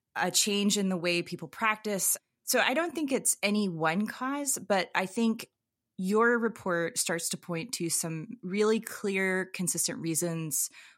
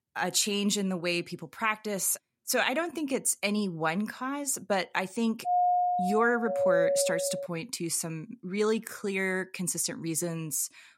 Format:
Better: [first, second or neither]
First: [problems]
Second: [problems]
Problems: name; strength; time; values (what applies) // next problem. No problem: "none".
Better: first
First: none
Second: doorbell; loud; from 5.5 to 7.5 s; peak 5 dB above the speech